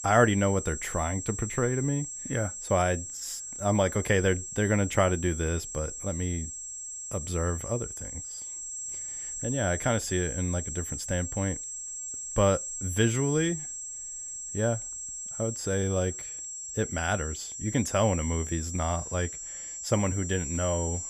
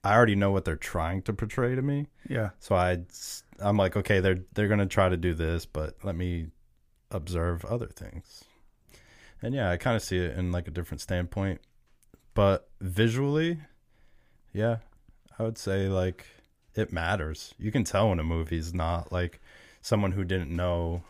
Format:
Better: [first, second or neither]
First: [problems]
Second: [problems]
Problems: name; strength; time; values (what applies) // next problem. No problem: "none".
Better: second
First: high-pitched whine; loud; throughout; 7.5 kHz, 6 dB below the speech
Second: none